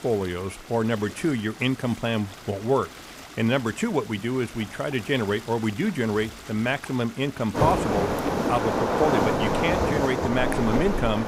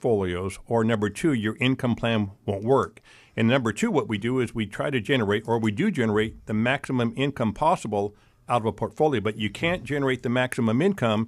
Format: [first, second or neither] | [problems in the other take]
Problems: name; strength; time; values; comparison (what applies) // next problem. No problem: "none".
second | rain or running water; very loud; throughout; 1 dB above the speech